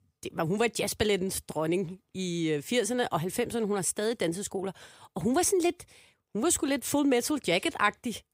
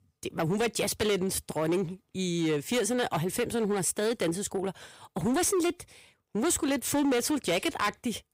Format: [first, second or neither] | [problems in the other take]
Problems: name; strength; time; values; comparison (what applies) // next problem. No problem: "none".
first | distortion; slight; 11% of the sound clipped